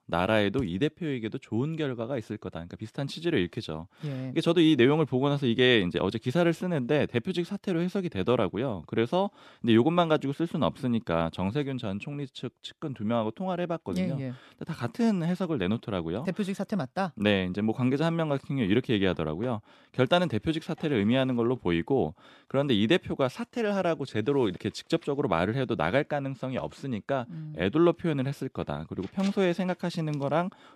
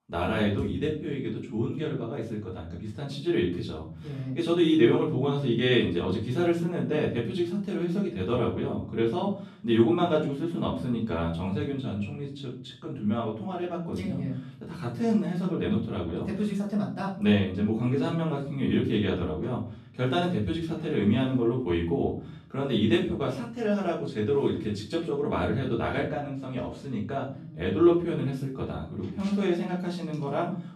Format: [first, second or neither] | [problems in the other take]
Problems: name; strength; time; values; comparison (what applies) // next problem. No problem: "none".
first | off-mic speech; far // room echo; slight; dies away in 0.5 s